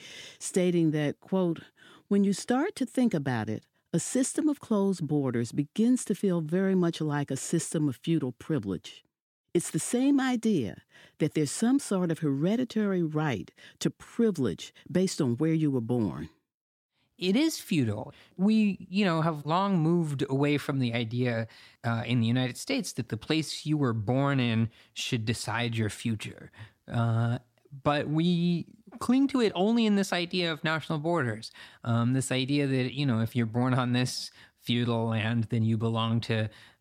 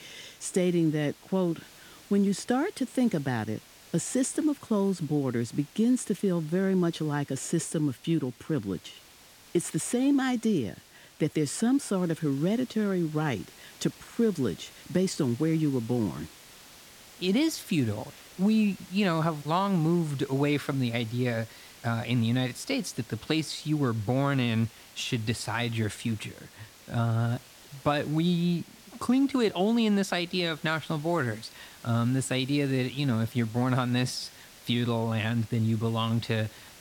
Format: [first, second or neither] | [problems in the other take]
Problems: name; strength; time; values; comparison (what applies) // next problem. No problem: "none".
first | hiss; faint; throughout; 20 dB below the speech